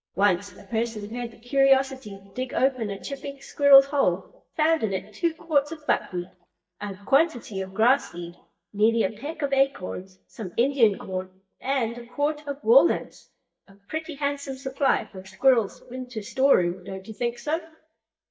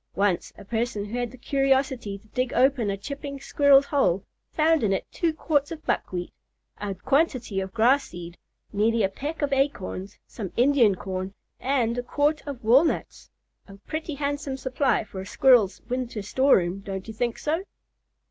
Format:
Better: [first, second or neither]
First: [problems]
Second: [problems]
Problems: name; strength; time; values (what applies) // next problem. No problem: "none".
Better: second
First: noise reduction (neural mask model DeepFilterNet 3)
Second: none